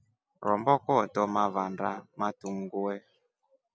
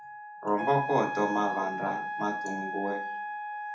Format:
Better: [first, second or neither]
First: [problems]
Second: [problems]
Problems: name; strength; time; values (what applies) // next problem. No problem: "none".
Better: first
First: none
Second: background sound (Wind instrument, woodwind instrument); 4 dB below the speech // room echo; dies away in 0.4 s